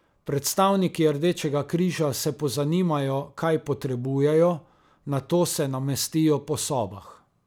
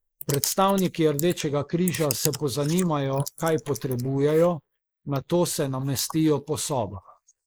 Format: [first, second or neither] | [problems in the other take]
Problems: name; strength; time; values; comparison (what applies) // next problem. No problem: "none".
first | noise reduction (neural mask model Resemble Enhance denoiser)